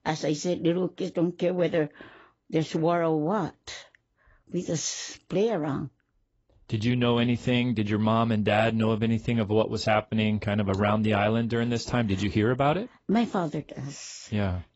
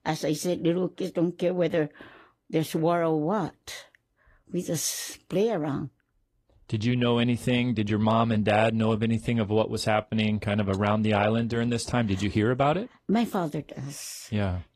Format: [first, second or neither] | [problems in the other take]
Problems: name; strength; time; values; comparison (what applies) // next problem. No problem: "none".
second | garbled, watery; badly; nothing above 7.5 kHz; slightly in the second